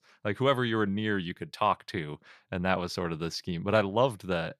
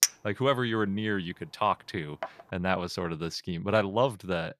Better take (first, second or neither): first